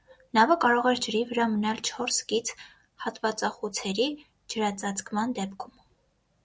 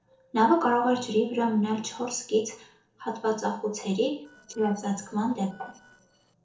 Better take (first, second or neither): first